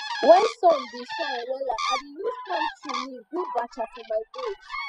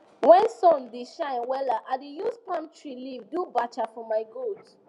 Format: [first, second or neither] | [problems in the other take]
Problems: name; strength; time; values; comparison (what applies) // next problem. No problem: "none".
second | noise reduction (classical method spectral subtraction)